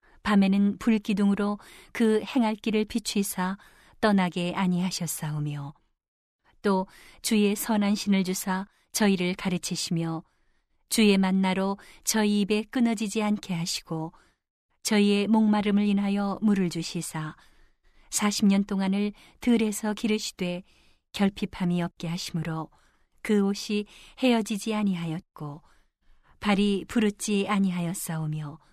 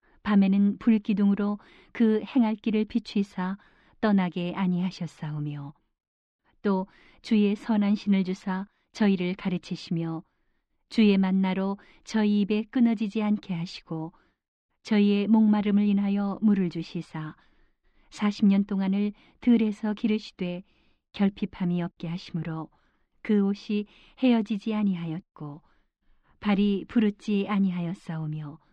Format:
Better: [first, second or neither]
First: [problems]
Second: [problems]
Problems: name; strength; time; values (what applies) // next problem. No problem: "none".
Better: first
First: none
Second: muffled; slightly; fading above 4 kHz